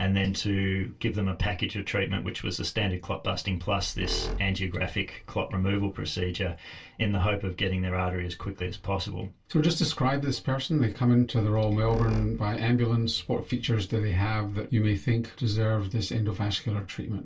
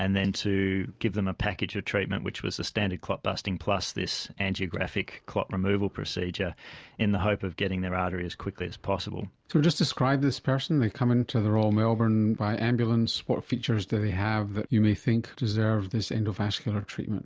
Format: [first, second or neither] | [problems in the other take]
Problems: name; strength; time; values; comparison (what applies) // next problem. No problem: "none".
second | background sound (Squeak); 11 dB below the speech // room echo; dies away in 0.2 s